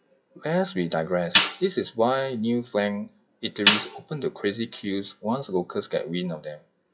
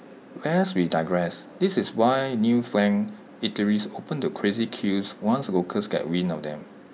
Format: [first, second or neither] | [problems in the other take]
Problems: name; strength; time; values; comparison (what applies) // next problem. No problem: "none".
second | noise reduction (classical method WPE with log-MMSE)